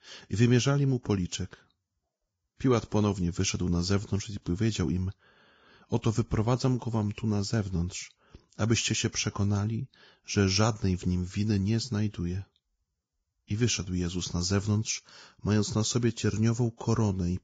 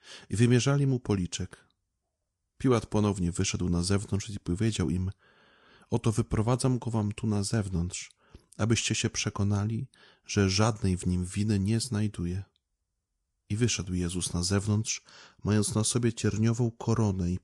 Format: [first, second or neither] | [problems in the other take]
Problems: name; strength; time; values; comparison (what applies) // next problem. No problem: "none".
second | garbled, watery; badly; nothing above 7.5 kHz; slightly in the second